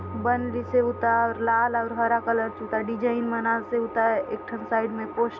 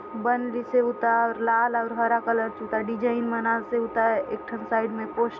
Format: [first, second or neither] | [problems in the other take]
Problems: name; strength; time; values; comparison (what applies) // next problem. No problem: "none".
second | background sound (Bass guitar); 19 dB below the speech